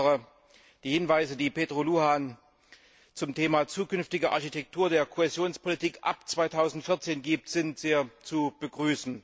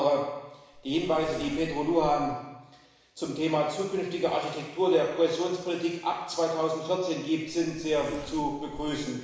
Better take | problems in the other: first | background sound (Zipper (clothing)); 14 dB below the speech // room echo; dies away in 1 s

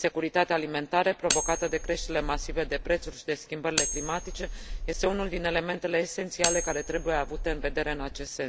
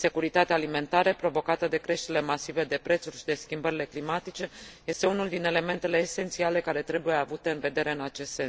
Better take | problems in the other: second | background sound (Cutlery, silverware); 4 dB below the speech

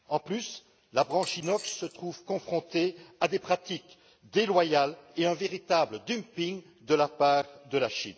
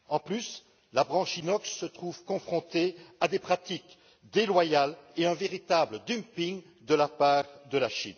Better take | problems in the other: second | background sound (Coin (dropping)); 17 dB below the speech

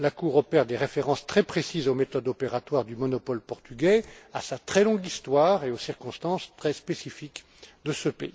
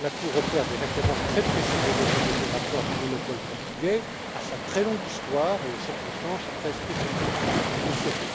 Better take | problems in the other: first | background sound (Waves, surf); 2 dB above the speech

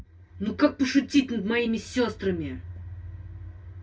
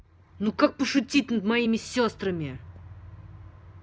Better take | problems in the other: second | room echo; dies away in 0.1 s

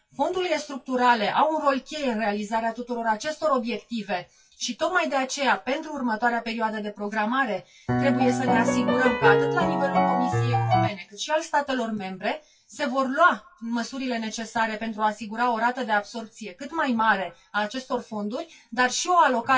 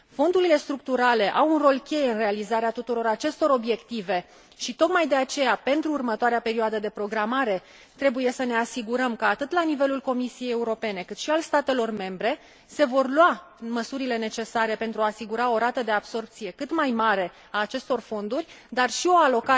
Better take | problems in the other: second | noise reduction (classical method WPE with log-MMSE)

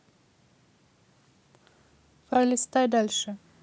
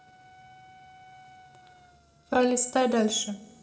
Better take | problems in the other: first | noise reduction (neural separator model SepFormer DNS4)

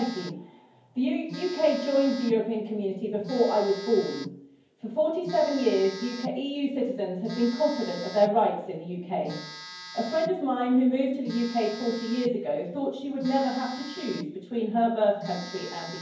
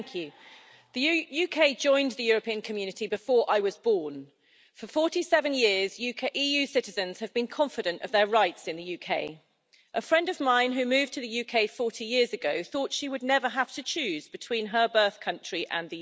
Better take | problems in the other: second | background sound (Telephone); 16 dB below the speech // room echo; dies away in 0.9 s

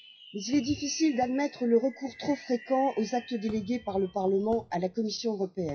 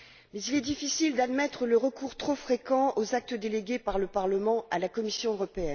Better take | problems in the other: second | noise reduction (classical method WPE with log-MMSE)

